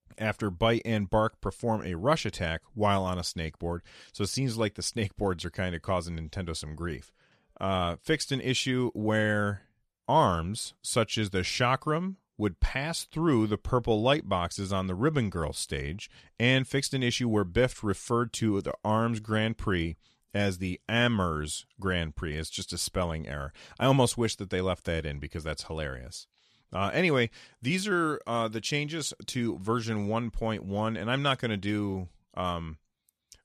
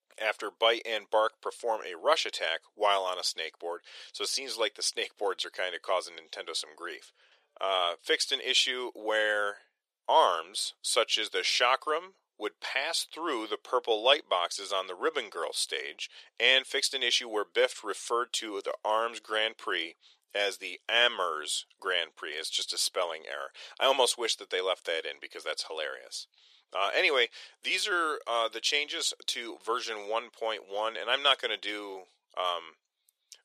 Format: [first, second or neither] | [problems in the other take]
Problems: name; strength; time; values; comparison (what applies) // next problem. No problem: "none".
first | thin; very; fading below 400 Hz